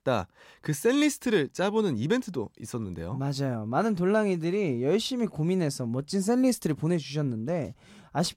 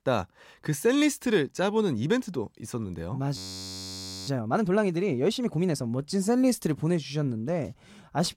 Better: first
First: none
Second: audio freezing; at 3.5 s for 1 s

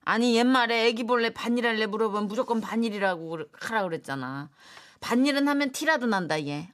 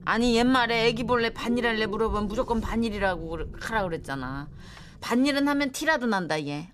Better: first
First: none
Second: low rumble; faint; throughout; 20 dB below the speech

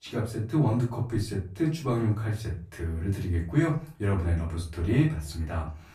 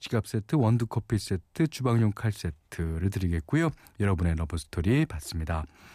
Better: second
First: off-mic speech; far // room echo; slight; dies away in 0.3 s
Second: none

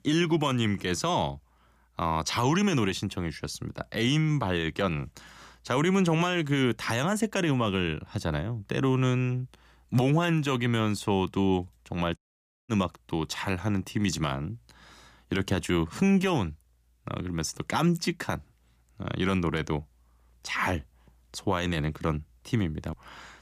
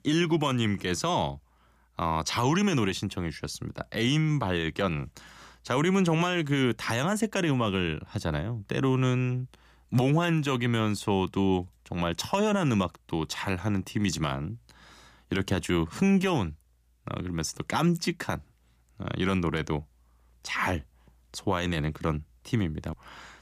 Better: second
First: audio cutting out; at 12 s for 0.5 s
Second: none

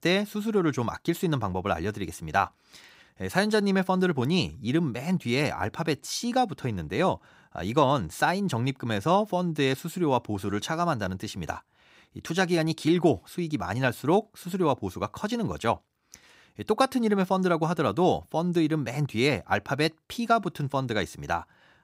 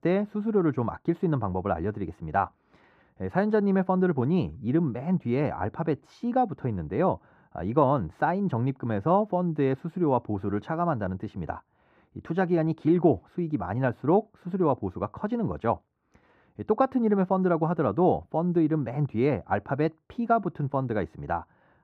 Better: first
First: none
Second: muffled; very; fading above 3 kHz

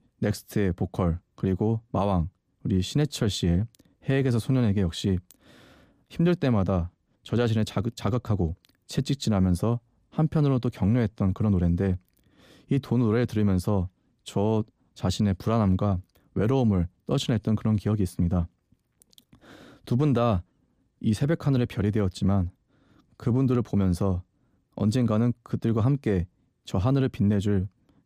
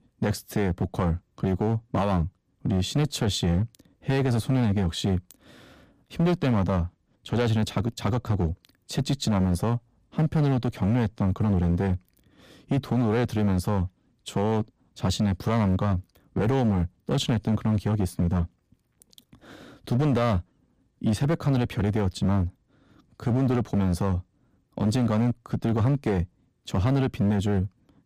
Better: first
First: none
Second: distortion; slight; 10% of the sound clipped

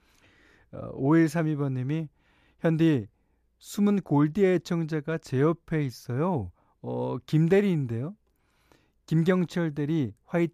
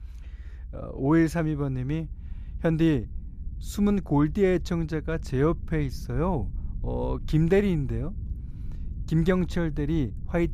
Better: first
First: none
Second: low rumble; faint; throughout; 25 dB below the speech

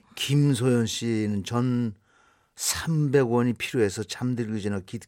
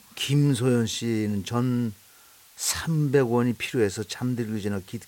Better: first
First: none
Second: hiss; faint; throughout; 25 dB below the speech

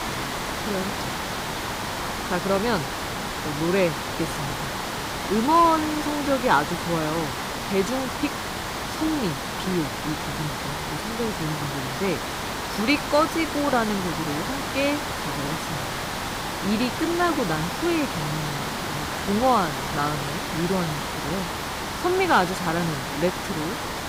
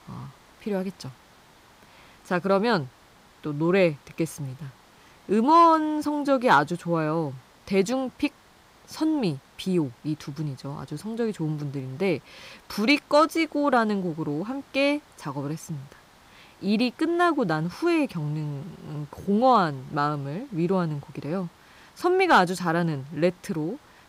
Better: second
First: hiss; loud; throughout; 3 dB below the speech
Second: hiss; faint; throughout; 30 dB below the speech

